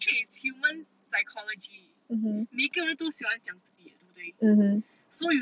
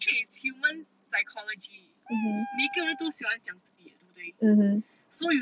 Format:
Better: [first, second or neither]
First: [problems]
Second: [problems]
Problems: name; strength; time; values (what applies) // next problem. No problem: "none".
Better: first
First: none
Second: background sound (Meow); 15 dB below the speech